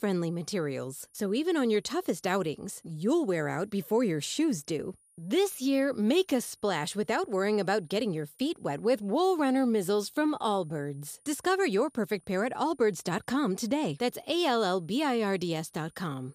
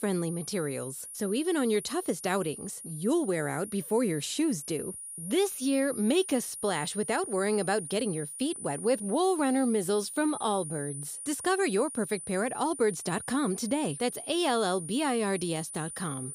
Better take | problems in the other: first | high-pitched whine; loud; throughout; 9.5 kHz, 9 dB below the speech; faint in the first

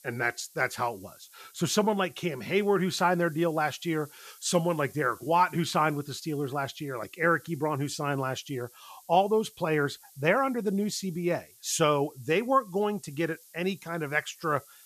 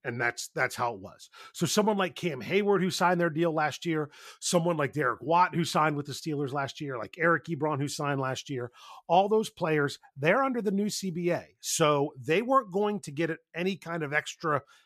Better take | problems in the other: second | hiss; faint; throughout; 25 dB below the speech

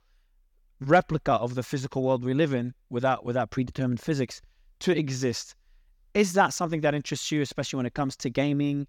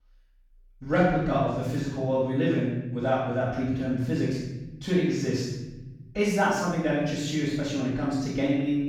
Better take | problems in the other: first | off-mic speech; far // room echo; strong; dies away in 1.3 s

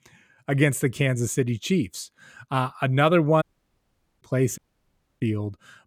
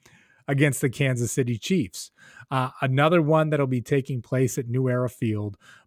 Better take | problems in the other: second | audio cutting out; at 3.5 s for 1 s and at 4.5 s for 0.5 s

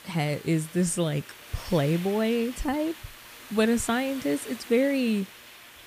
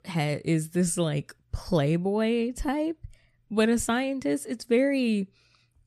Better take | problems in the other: second | hiss; noticeable; throughout; 15 dB below the speech

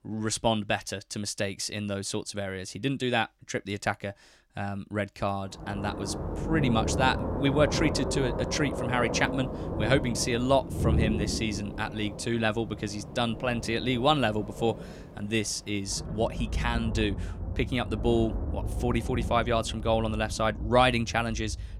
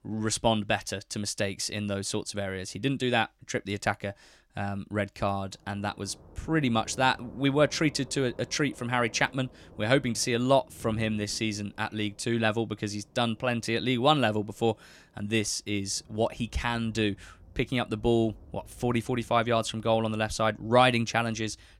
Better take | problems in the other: second | rain or running water; loud; from 5.5 s on; 5 dB below the speech; faint in the second

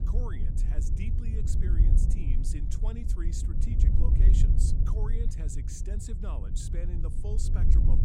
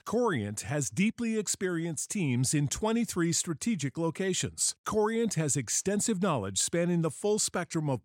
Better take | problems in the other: second | low rumble; loud; throughout; as loud as the speech

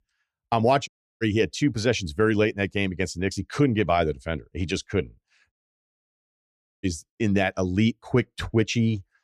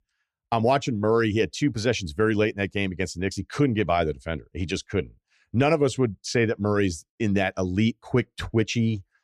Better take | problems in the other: second | audio cutting out; at 1 s and at 5.5 s for 1.5 s

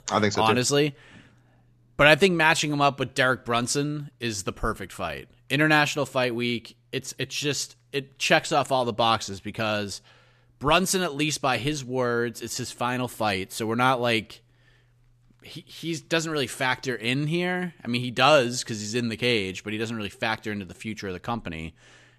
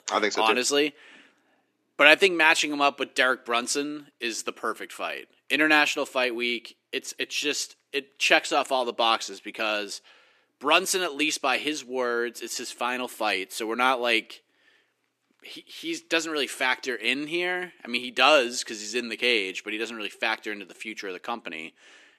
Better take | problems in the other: first | thin; very slightly; fading below 300 Hz

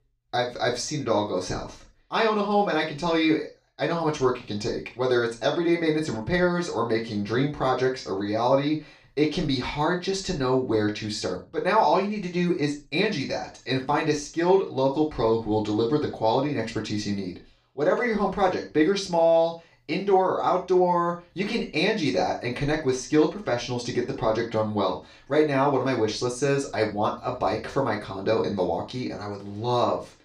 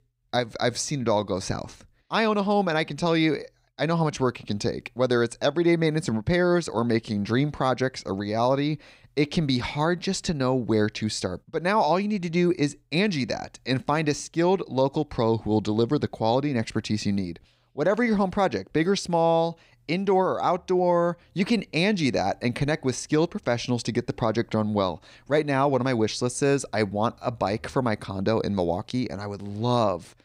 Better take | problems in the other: second | room echo; slight; dies away in 0.3 s // off-mic speech; far

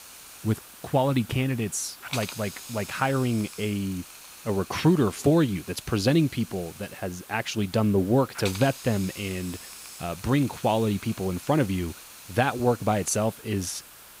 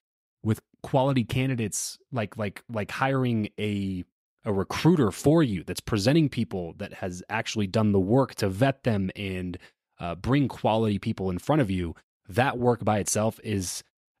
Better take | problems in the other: second | hiss; noticeable; throughout; 15 dB below the speech

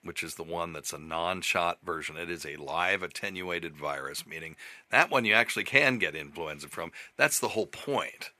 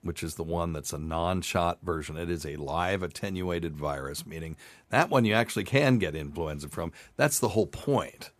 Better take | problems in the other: second | thin; somewhat; fading below 500 Hz

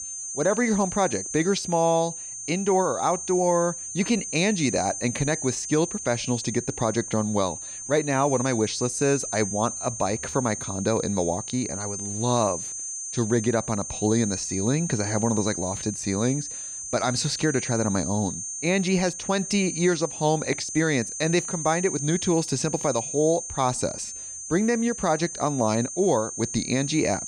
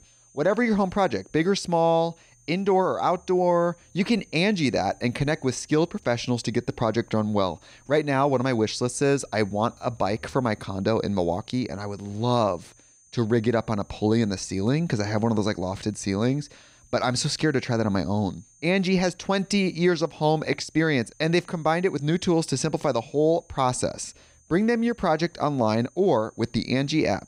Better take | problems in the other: second | high-pitched whine; loud; throughout; 6.5 kHz, 6 dB below the speech; faint in the second

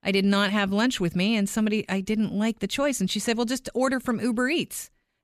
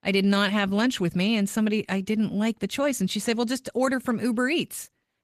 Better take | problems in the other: first | garbled, watery; slightly; nothing above 14.5 kHz

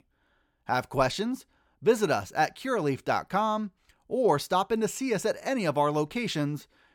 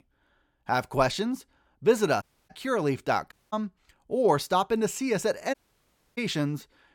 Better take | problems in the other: first | audio cutting out; at 2 s, at 3.5 s and at 5.5 s for 0.5 s

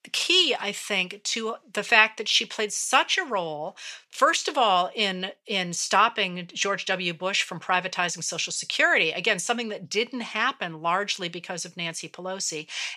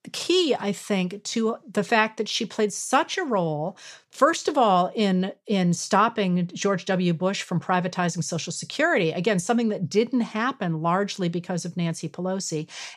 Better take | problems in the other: second | thin; somewhat; fading below 1 kHz

